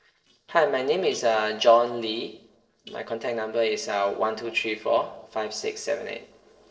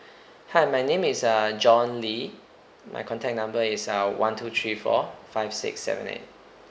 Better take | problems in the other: second | noise reduction (neural separator model SepFormer DNS4)

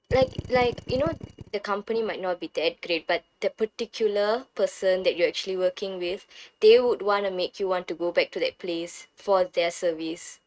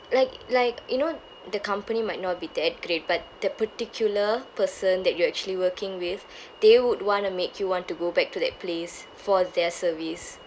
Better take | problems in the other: second | noise reduction (neural mask model RNNoise)

